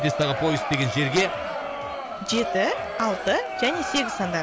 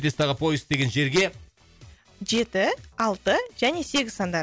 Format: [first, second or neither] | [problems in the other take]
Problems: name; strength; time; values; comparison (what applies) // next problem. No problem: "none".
second | background sound (Crowd); 4 dB below the speech